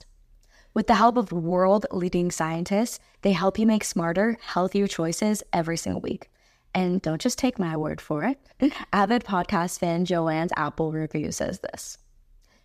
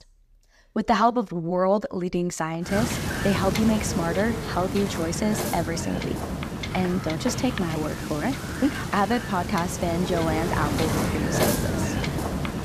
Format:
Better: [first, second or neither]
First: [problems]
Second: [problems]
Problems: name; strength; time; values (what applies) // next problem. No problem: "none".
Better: first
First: none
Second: wind noise on the microphone; heavy; from 2.5 s on; 4 dB below the speech